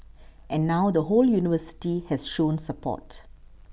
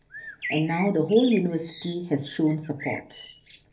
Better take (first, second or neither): first